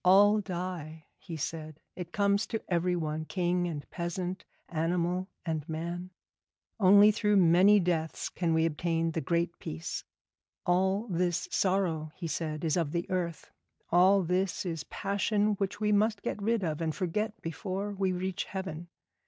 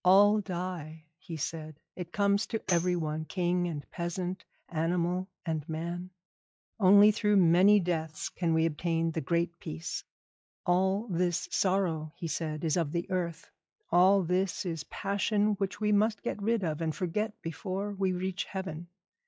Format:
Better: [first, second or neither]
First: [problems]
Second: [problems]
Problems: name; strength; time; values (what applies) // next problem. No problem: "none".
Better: first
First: none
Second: noise reduction (classical method log-MMSE)